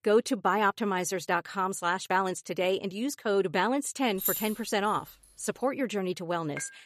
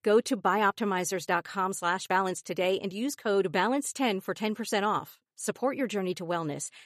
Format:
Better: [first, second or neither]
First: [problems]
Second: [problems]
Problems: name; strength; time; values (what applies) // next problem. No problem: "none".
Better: second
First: jangling keys; noticeable; at 4 s; peak 1 dB below the speech // clattering dishes; very faint; at 6.5 s; peak 15 dB below the speech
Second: none